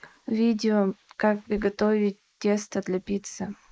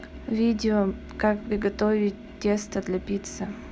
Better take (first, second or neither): second